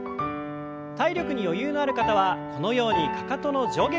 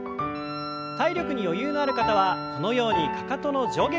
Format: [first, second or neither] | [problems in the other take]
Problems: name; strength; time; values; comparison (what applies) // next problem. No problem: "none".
first | background sound (Wind instrument, woodwind instrument); 12 dB below the speech